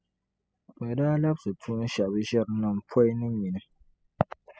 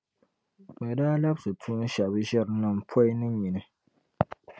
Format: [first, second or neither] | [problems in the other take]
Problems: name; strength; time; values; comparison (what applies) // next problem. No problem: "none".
second | noise reduction (classical method spectral subtraction)